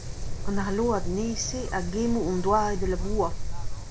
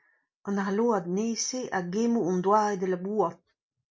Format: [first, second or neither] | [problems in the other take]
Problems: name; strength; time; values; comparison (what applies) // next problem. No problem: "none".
second | background sound (Wind); 1 dB below the speech